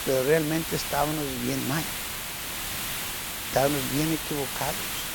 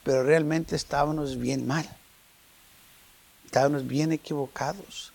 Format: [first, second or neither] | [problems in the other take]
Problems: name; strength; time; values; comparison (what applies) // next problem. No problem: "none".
second | hiss; loud; throughout; 2 dB below the speech; faint in the second